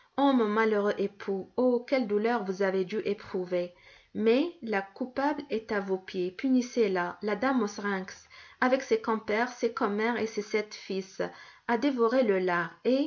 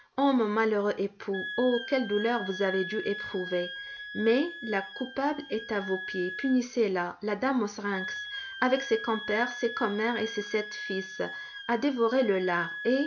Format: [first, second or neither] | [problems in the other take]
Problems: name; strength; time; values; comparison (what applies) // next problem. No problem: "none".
first | background sound (Wind instrument, woodwind instrument); 11 dB below the speech